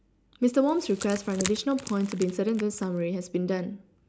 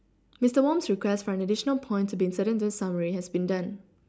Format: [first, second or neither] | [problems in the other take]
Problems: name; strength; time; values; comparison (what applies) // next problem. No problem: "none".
second | noise reduction (neural mask model Resemble Enhance denoiser)